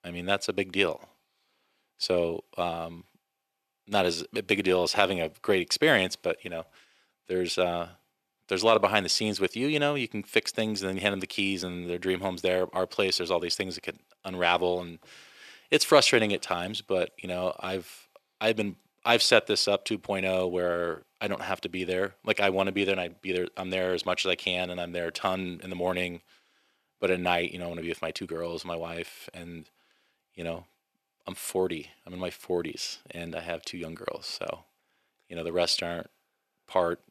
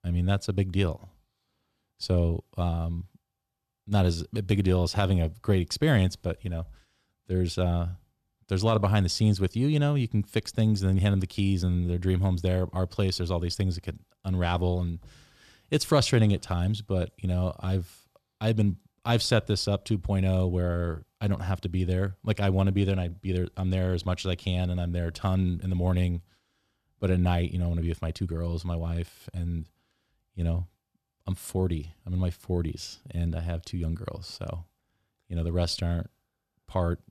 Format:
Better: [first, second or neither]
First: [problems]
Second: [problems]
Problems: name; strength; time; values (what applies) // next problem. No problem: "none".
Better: second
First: thin; very; fading below 400 Hz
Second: none